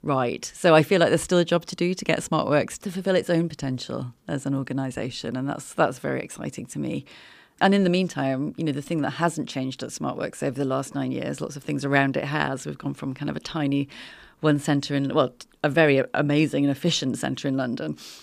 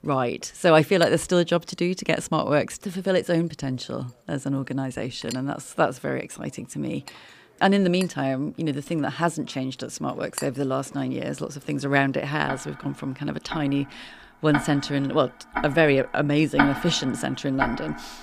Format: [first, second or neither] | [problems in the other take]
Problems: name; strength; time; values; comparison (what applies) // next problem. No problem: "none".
first | household noises; loud; throughout; 8 dB below the speech